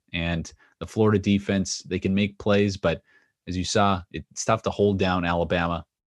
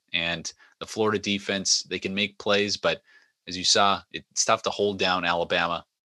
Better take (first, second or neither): first